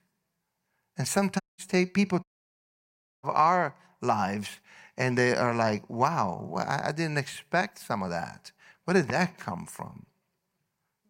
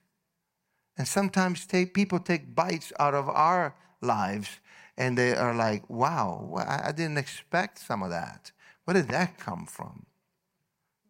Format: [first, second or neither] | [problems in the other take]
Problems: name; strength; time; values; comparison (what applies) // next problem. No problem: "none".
second | audio cutting out; at 1.5 s and at 2 s for 1 s